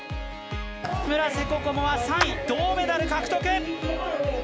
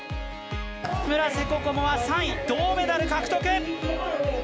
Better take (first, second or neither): second